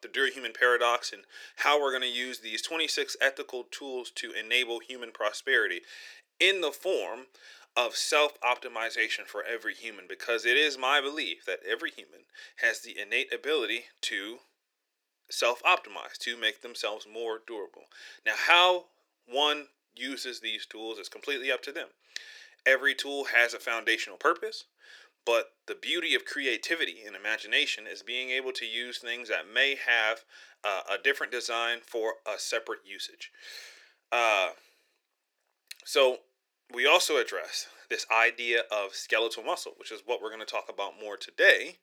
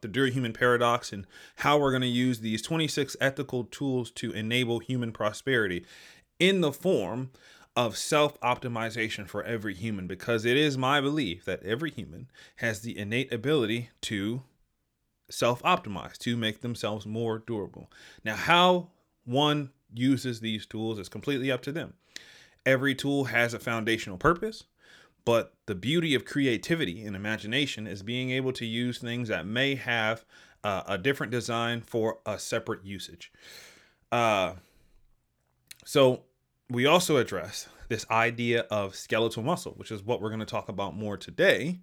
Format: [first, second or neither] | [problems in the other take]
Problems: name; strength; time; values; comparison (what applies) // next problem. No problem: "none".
second | thin; very; fading below 400 Hz